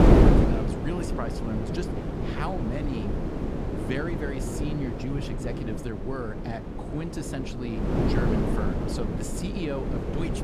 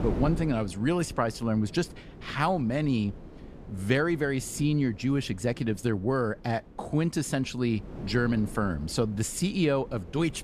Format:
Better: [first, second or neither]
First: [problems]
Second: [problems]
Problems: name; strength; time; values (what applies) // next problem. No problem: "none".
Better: second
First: wind noise on the microphone; heavy; 3 dB above the speech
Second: wind noise on the microphone; occasional gusts; 20 dB below the speech